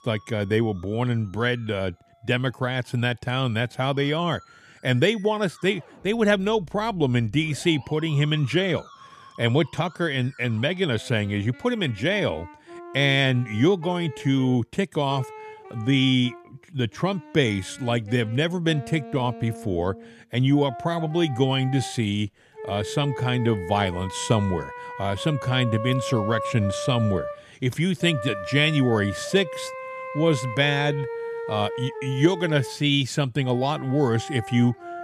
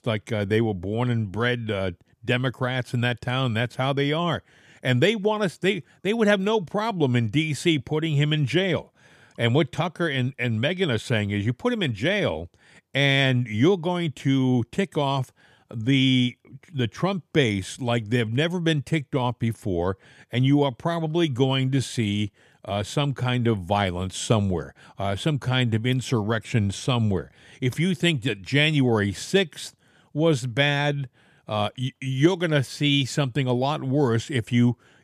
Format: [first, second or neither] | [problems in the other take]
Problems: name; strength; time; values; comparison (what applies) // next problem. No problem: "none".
second | background music; noticeable; throughout; 10 dB below the speech